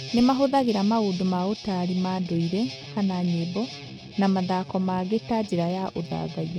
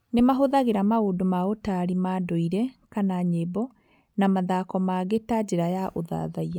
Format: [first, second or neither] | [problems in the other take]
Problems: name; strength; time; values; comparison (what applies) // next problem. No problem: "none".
second | noise reduction (neural mask model RNNoise)